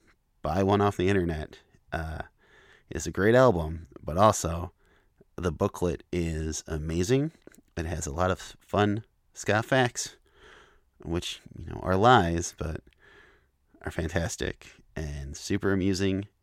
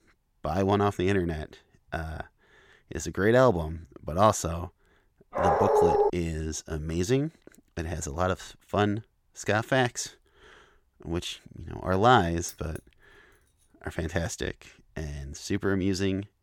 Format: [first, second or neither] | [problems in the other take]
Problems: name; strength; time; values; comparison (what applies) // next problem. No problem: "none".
first | dog barking; loud; at 5.5 s; peak 6 dB above the speech // jangling keys; faint; at 12 s; peak 20 dB below the speech